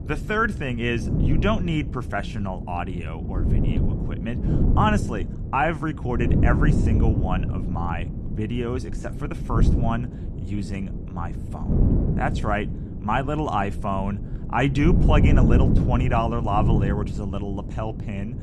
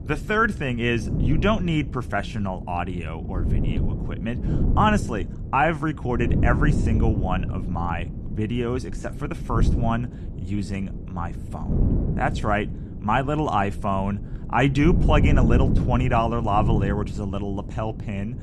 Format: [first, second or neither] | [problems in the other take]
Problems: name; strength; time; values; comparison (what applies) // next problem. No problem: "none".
second | wind noise on the microphone; heavy; 8 dB below the speech; occasional gusts in the second